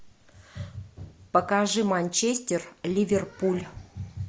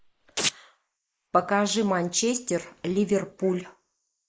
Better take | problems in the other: first | noise reduction (neural mask model Resemble Enhance denoiser)

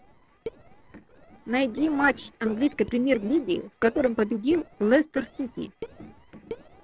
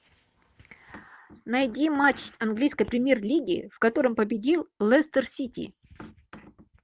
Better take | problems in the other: second | noise reduction (neural separator model SepFormer DNS4)

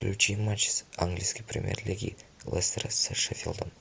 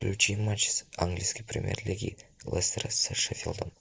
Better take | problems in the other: first | noise reduction (neural mask model Resemble Enhance denoiser)

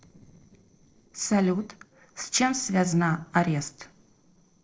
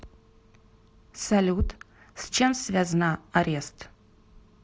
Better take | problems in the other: second | noise reduction (neural separator model SepFormer DNS4)

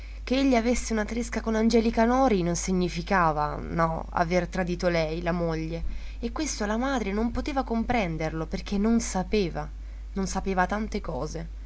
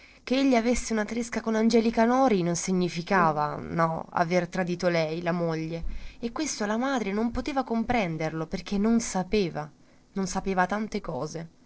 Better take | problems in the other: first | noise reduction (neural separator model SepFormer DNS4)

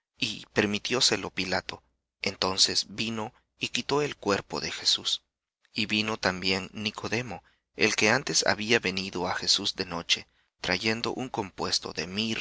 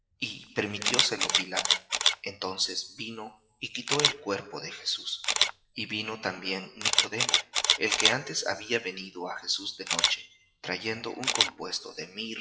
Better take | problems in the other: first | noise reduction (classical method WPE with log-MMSE)

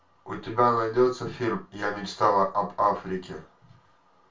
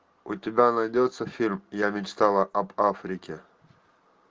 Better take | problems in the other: second | room echo; dies away in 0.3 s

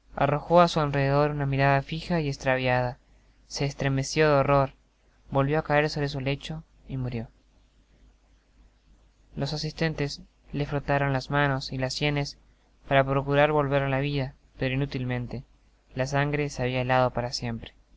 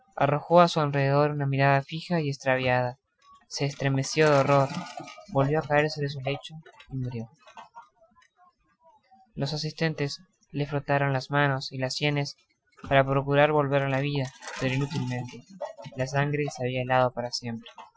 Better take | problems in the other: first | noise reduction (classical method Wiener filter)

